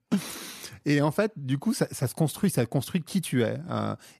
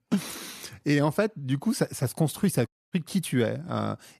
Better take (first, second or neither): first